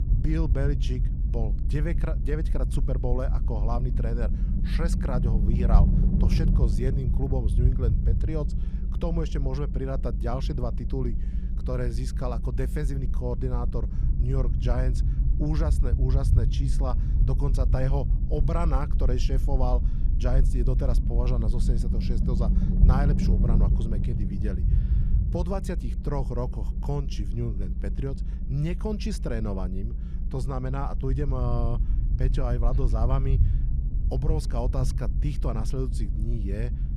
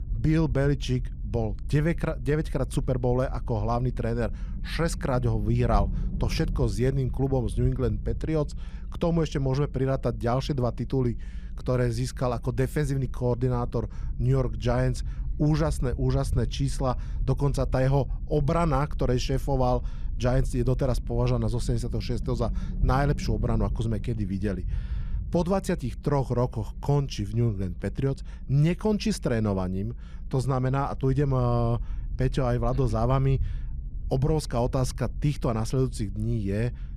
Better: second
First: low rumble; loud; throughout; 7 dB below the speech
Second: low rumble; faint; throughout; 20 dB below the speech

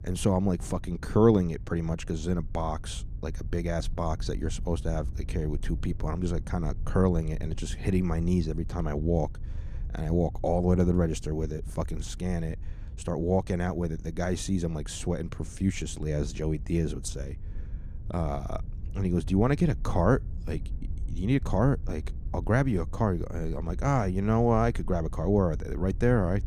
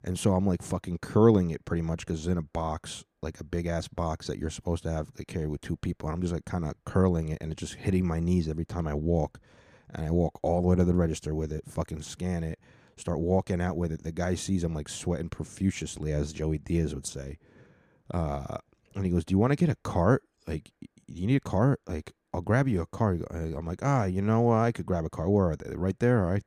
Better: second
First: wind noise on the microphone; occasional gusts; 25 dB below the speech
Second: none

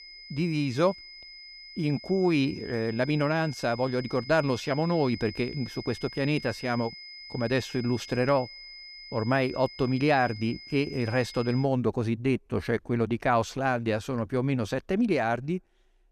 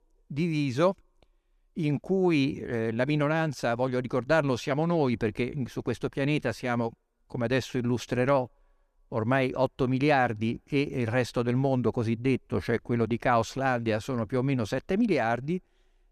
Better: second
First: high-pitched whine; noticeable; until 12 s; 5 kHz, 15 dB below the speech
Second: none

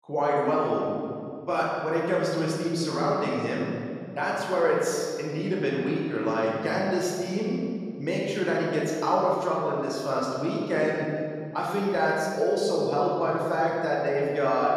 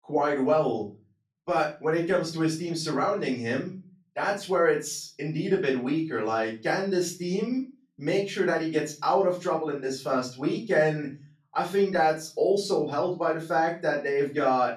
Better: second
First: room echo; strong; dies away in 2.2 s // off-mic speech; far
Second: room echo; slight; dies away in 0.3 s // off-mic speech; far

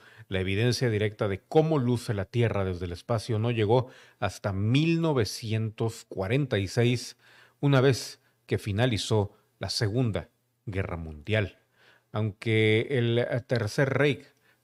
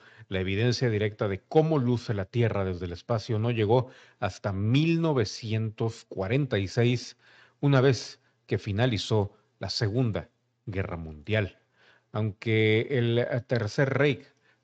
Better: first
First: none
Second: garbled, watery; slightly

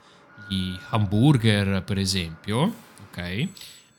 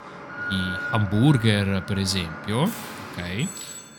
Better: first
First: alarms or sirens; faint; throughout; 25 dB below the speech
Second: alarms or sirens; loud; throughout; 9 dB below the speech

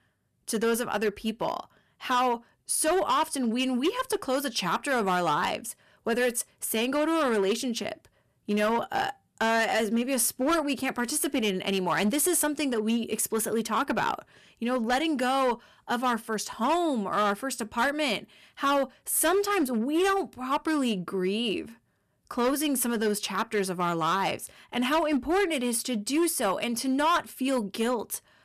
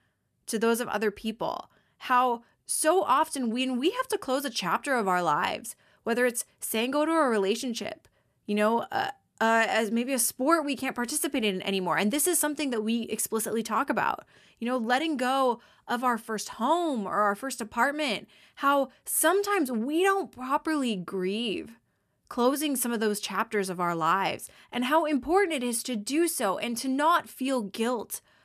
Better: second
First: distortion; slight; 8% of the sound clipped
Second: none

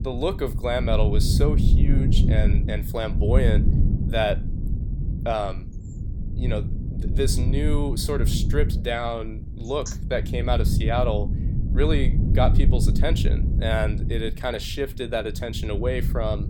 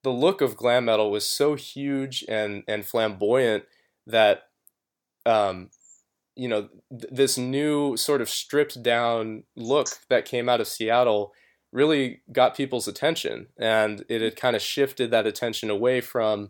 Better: second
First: low rumble; loud; throughout; 9 dB below the speech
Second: none

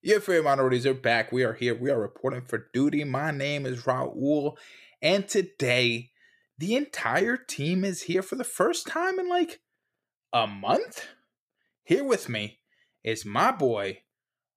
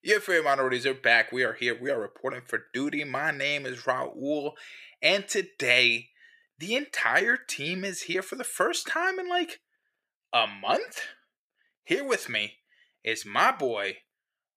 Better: first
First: none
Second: thin; somewhat; fading below 550 Hz

